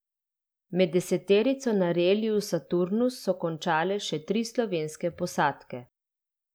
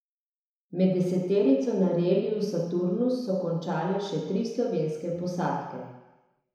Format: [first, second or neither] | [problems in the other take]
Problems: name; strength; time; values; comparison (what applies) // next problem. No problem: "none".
first | room echo; dies away in 1 s